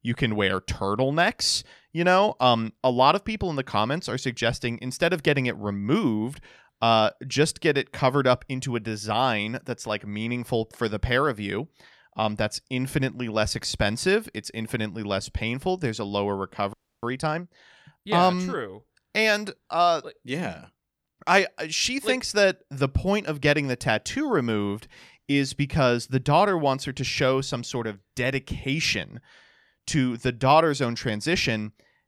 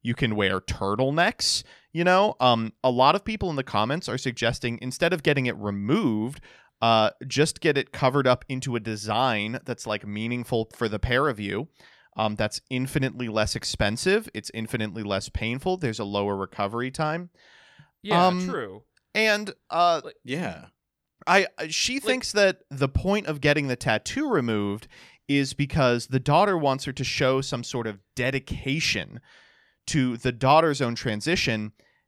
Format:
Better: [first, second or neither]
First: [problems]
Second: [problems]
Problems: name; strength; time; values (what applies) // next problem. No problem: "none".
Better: second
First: audio freezing; at 17 s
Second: none